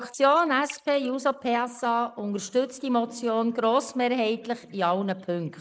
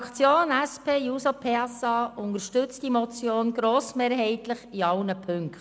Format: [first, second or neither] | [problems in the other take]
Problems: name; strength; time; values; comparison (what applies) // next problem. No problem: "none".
second | noise reduction (neural mask model Resemble Enhance denoiser)